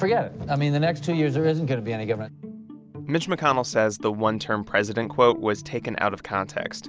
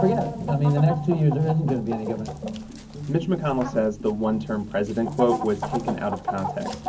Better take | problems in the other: first | background sound (Chicken, rooster); 9 dB below the speech // room echo; dies away in 0.3 s

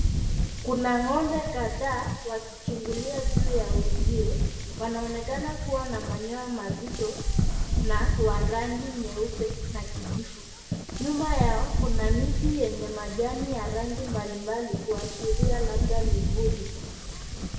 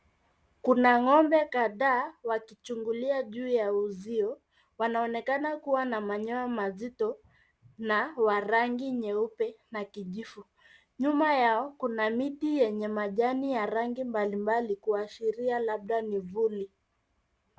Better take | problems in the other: second | background sound (Wind); 4 dB above the speech // room echo; dies away in 1.1 s

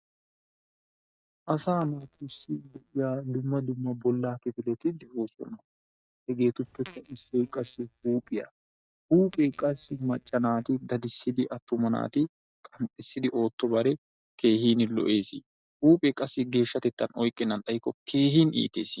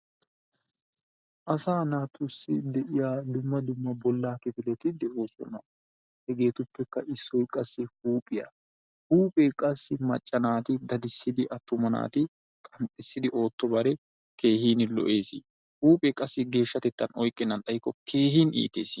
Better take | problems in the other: second | noise reduction (neural mask model DeepFilterNet 3)

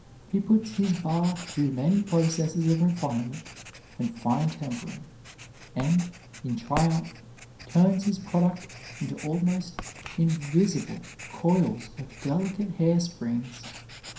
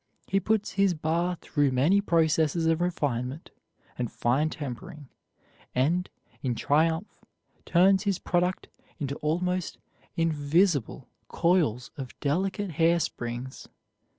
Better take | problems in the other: second | background sound (Writing); 16 dB below the speech // room echo; dies away in 0.5 s

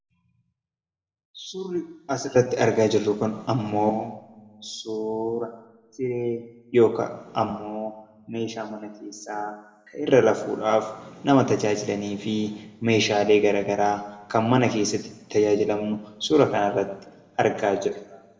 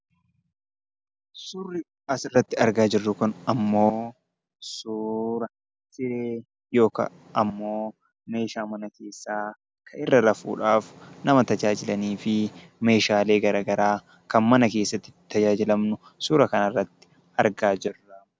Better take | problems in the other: second | room echo; dies away in 0.9 s

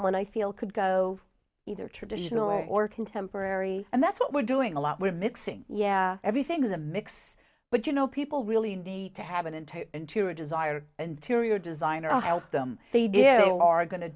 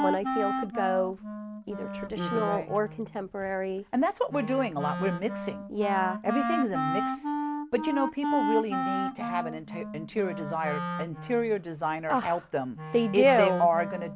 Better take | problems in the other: first | background sound (Wind instrument, woodwind instrument); 5 dB below the speech

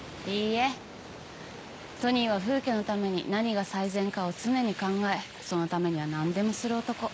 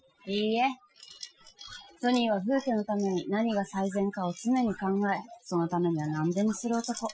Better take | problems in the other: first | noise reduction (classical method Wiener filter)

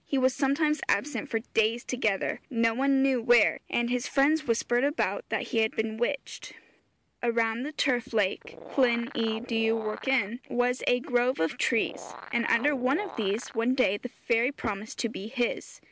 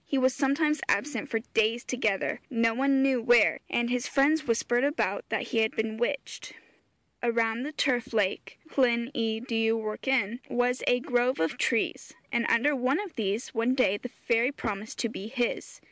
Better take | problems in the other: second | background sound (Animal); 14 dB below the speech

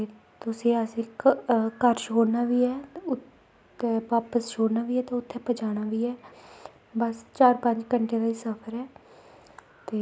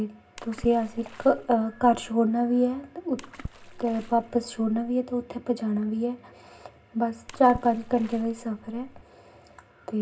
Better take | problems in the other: first | background sound (Water / Splash, splatter); 17 dB below the speech // room echo; dies away in 0.4 s

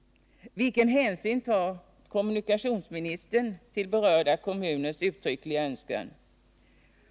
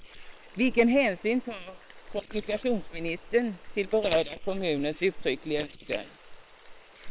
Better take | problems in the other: first | noise reduction (neural separator model SepFormer WHAM!)

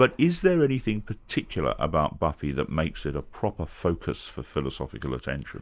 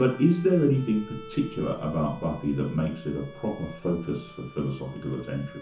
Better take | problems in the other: first | background sound (Bowed string instrument); 19 dB below the speech // room echo; dies away in 0.9 s

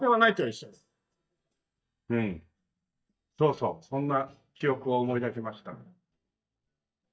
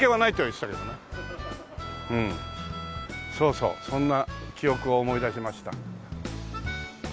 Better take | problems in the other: second | noise reduction (neural mask model DeepFilterNet 3)

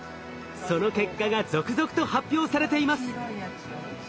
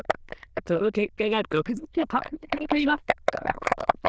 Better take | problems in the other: first | noise reduction (neural diffusion model UNIVERSE++)

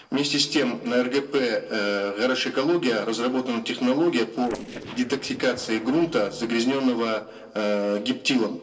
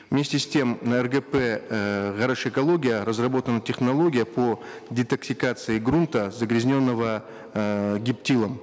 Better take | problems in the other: second | noise reduction (neural separator model SepFormer DNS4)

